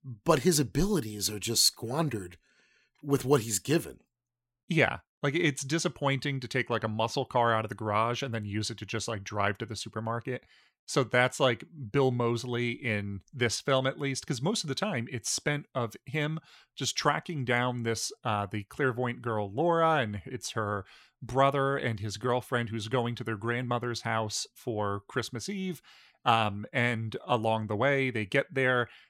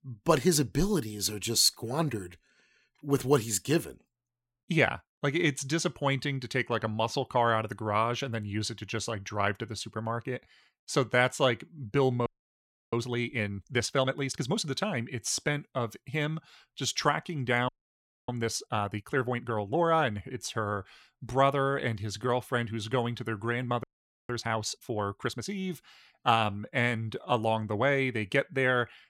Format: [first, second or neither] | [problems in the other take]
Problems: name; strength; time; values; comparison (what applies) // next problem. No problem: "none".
first | audio freezing; at 12 s for 0.5 s, at 18 s for 0.5 s and at 24 s